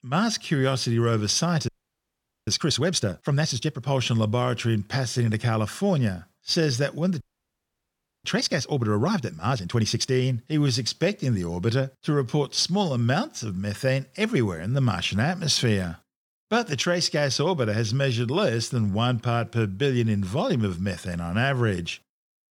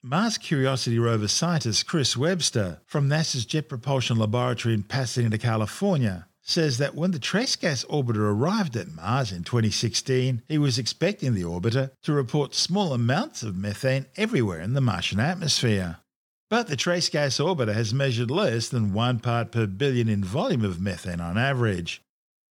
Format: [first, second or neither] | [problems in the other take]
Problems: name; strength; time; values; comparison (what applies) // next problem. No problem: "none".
second | audio freezing; at 1.5 s for 1 s and at 7 s for 1 s